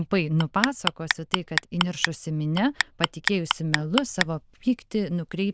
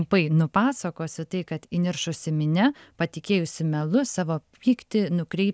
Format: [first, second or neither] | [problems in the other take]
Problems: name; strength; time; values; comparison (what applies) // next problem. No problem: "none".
second | noise reduction (neural diffusion model UNIVERSE++)